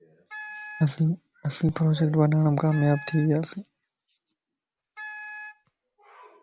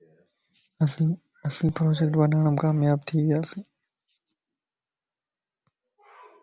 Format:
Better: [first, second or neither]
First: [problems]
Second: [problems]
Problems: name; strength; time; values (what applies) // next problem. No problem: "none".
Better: second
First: background sound (Wind instrument, woodwind instrument); 16 dB below the speech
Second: none